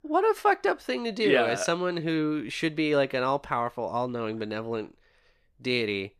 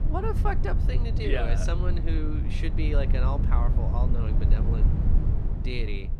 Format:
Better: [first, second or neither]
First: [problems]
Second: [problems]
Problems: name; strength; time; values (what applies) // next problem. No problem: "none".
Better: first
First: none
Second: low rumble; loud; throughout; 6 dB below the speech